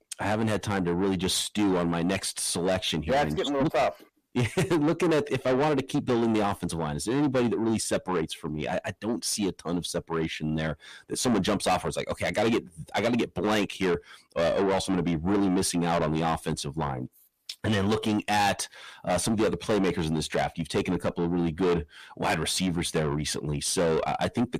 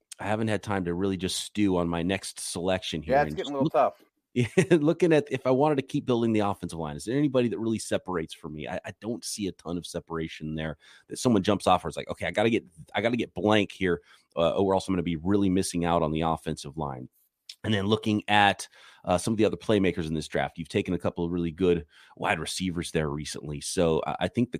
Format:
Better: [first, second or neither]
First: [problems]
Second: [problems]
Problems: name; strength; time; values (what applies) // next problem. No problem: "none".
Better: second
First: distortion; heavy; 6 dB below the speech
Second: none